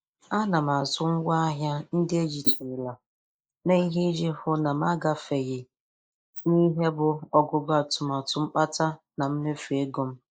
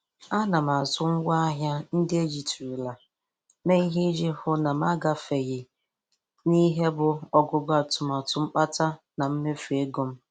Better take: second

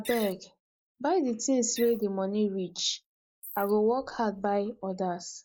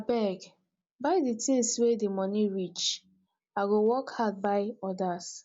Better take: second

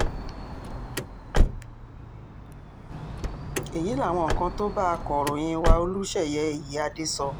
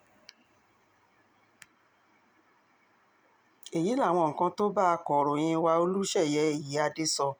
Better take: second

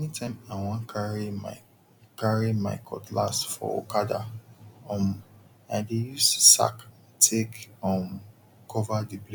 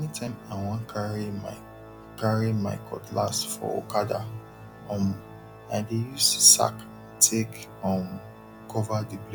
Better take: first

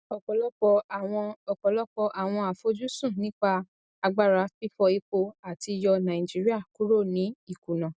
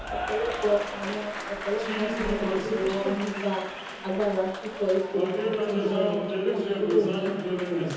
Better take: first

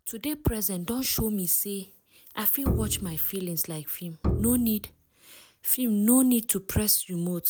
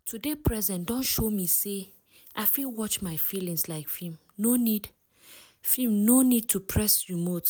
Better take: second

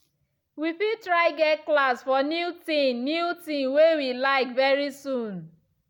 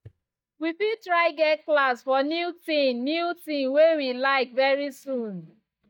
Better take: first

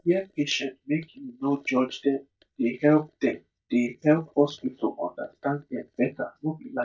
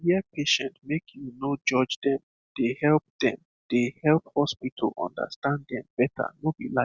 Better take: second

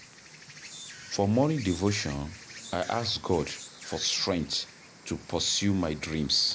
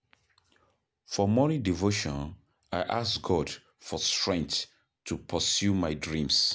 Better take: second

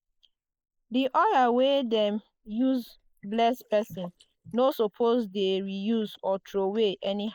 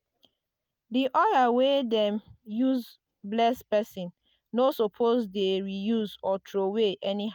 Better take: second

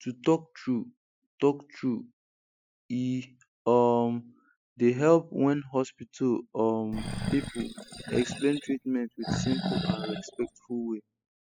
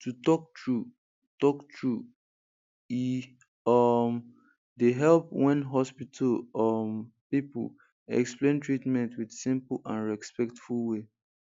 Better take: second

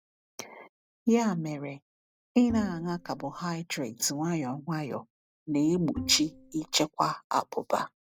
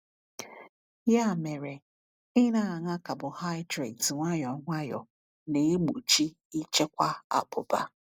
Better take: second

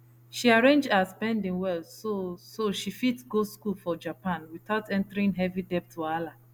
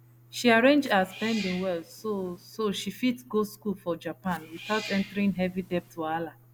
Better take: first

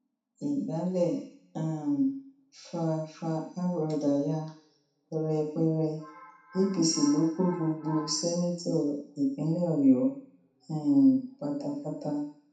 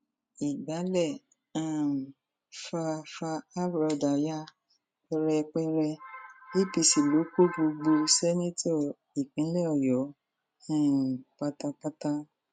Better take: second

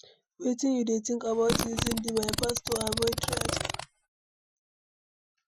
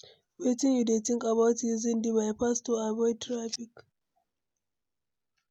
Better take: second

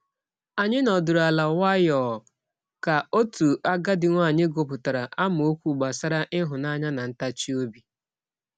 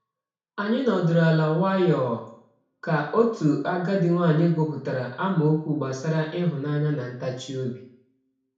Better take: first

